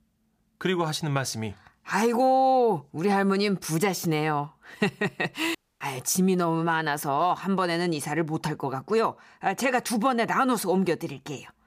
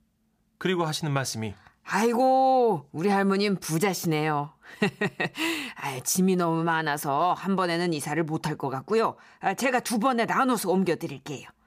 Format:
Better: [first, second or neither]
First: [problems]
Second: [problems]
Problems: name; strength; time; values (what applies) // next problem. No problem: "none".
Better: second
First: audio cutting out; at 5.5 s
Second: none